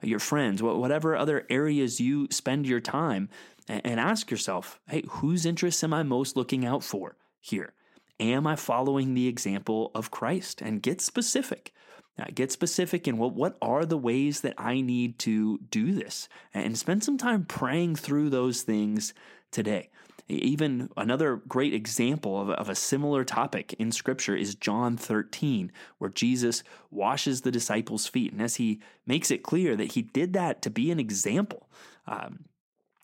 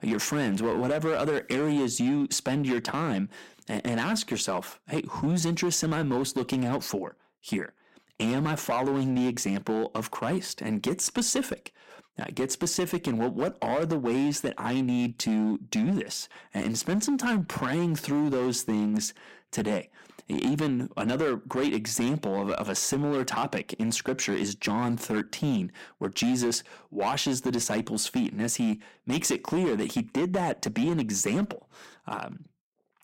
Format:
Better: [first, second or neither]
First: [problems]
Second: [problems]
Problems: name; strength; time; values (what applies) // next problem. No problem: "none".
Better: first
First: none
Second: distortion; slight; 9% of the sound clipped